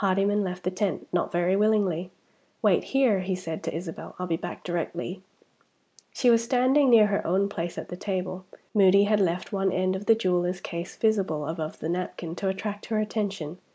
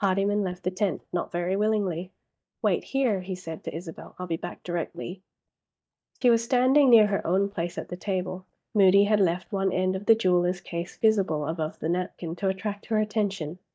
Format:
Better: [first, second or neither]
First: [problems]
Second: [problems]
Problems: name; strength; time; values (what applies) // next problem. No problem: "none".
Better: first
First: none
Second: noise reduction (neural mask model DeepFilterNet 3)